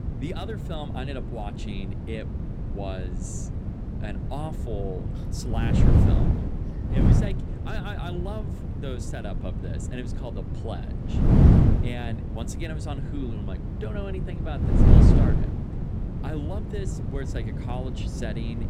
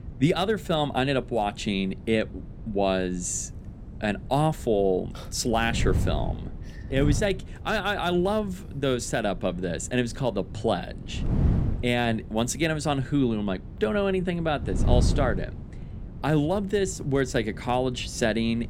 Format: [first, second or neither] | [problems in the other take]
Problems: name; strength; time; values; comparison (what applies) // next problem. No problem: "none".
second | wind noise on the microphone; heavy; 2 dB above the speech; occasional gusts in the second